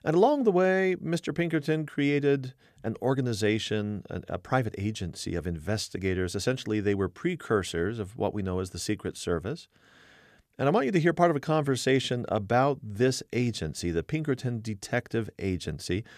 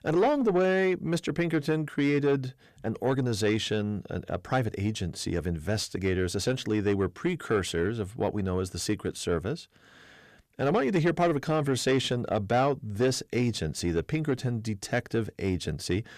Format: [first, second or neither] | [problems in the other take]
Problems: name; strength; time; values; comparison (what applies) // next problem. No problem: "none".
first | distortion; slight; 10 dB below the speech